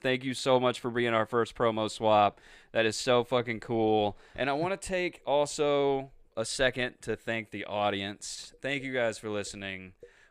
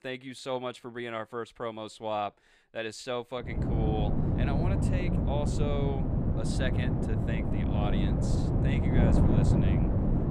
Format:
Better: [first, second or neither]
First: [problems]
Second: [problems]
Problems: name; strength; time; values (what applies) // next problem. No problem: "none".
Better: first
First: none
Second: wind noise on the microphone; heavy; from 3.5 s on; 1 dB above the speech